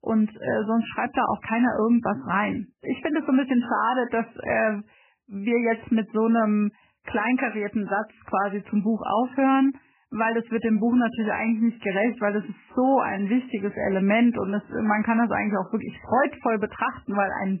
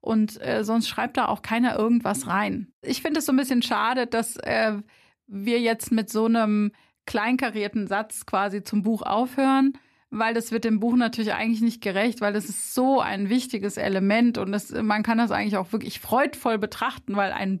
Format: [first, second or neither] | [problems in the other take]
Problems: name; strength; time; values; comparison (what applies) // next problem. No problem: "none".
second | garbled, watery; badly; nothing above 3 kHz